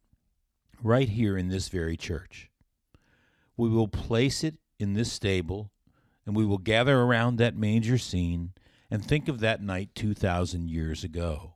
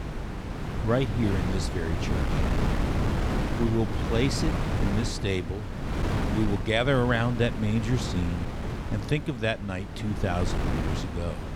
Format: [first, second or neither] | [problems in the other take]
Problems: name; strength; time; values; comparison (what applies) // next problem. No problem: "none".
first | wind noise on the microphone; heavy; 4 dB below the speech